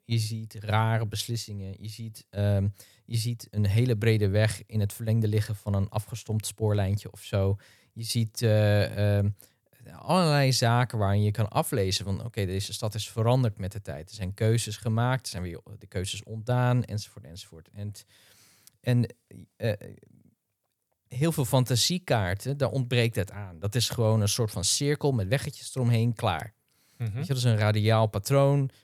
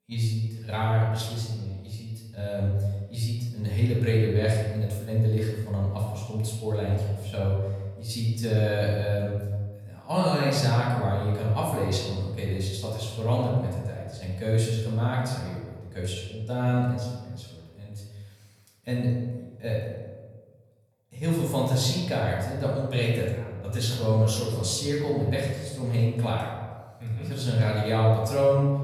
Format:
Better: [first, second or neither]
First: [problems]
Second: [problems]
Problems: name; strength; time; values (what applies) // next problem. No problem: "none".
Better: first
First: none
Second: room echo; noticeable; dies away in 1.2 s // off-mic speech; far